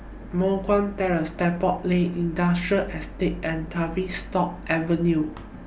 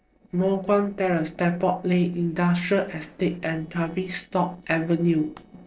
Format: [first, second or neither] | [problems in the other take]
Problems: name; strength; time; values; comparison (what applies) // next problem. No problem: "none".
first | noise reduction (neural separator model SepFormer DNS4)